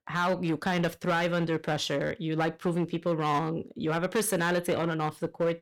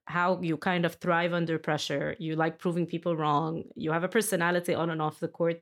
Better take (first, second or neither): second